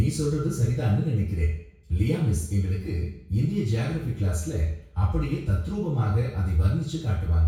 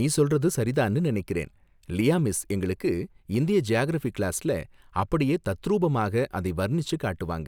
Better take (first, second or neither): second